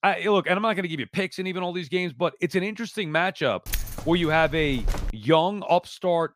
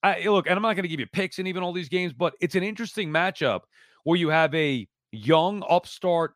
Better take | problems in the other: second | jangling keys; noticeable; from 3.5 to 5 s; peak 7 dB below the speech

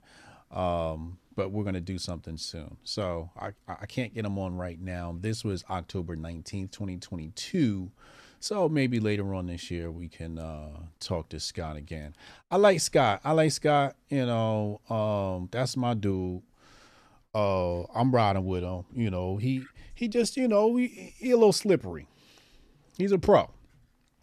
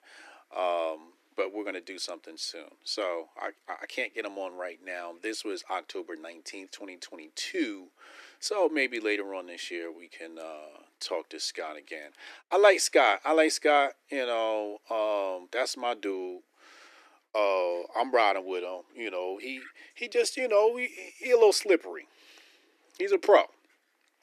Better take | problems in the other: first | thin; very; fading below 300 Hz

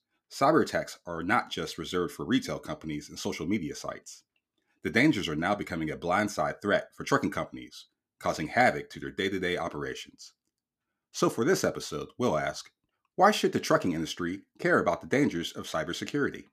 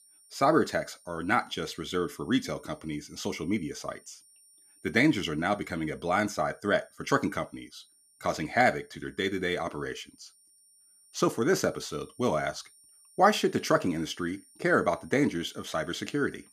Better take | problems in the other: first | high-pitched whine; faint; throughout; 9 kHz, 30 dB below the speech

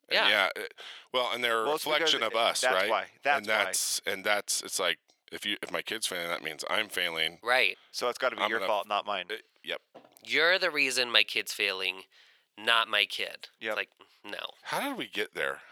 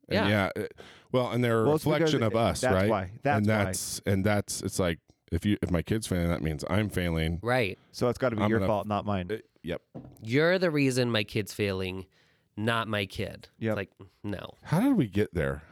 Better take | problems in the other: second | thin; very; fading below 750 Hz

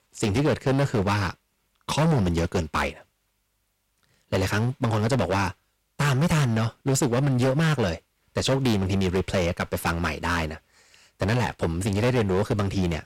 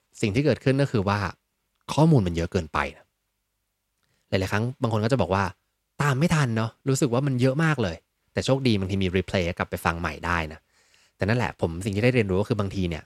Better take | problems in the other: second | distortion; heavy; 14% of the sound clipped

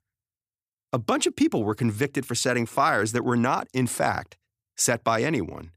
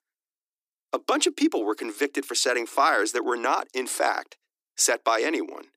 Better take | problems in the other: first | thin; somewhat; fading below 300 Hz

